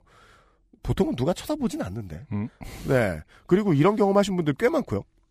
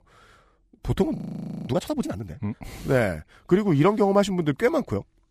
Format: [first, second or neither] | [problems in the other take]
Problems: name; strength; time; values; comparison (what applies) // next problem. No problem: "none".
first | audio freezing; at 1 s for 0.5 s